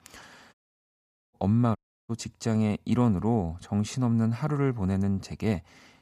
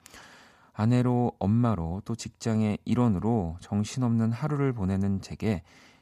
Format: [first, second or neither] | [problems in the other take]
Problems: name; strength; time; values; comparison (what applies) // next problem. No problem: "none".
second | audio cutting out; at 0.5 s for 1 s and at 2 s